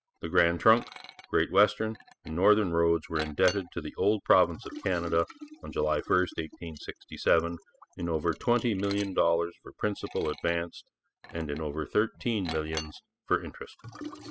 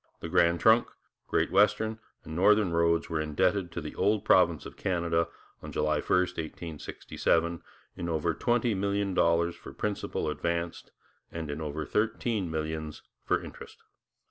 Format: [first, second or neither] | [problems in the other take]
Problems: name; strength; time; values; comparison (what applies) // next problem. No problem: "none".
second | noise reduction (classical method spectral subtraction)